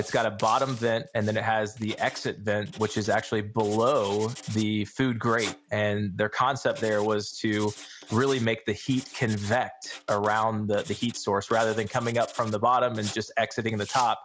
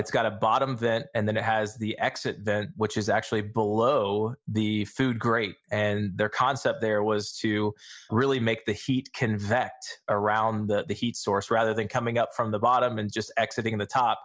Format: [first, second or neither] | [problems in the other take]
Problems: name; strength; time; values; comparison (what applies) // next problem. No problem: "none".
second | background sound (Writing); 18 dB below the speech